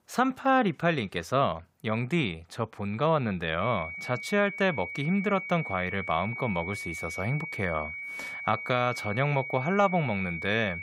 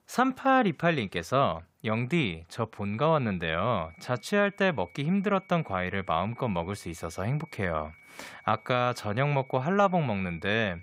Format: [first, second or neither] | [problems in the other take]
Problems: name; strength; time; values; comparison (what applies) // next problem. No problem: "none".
second | high-pitched whine; loud; from 3.5 s on; 2.5 kHz, 7 dB below the speech; faint in the second